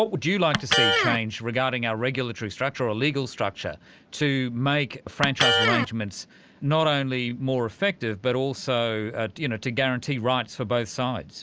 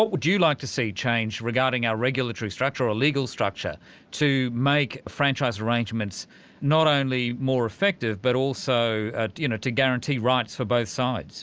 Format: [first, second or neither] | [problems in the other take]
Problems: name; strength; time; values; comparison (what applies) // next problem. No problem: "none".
second | background sound (Electric guitar); 2 dB below the speech